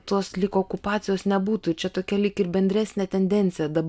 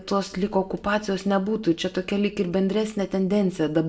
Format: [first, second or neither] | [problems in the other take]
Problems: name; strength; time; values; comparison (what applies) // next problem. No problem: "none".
first | room echo; dies away in 0.4 s